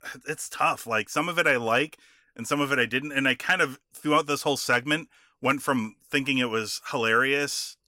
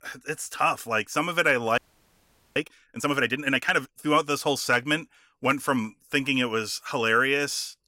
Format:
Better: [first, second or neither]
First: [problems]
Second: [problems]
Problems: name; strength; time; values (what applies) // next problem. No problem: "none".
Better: first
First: none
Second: audio freezing; at 2 s for 1 s